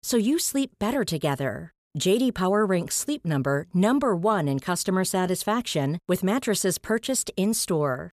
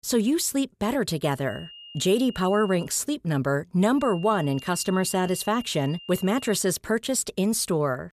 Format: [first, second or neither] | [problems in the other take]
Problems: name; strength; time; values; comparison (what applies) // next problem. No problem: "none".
first | high-pitched whine; noticeable; from 1.5 to 3 s and from 4 to 6.5 s; 3 kHz, 20 dB below the speech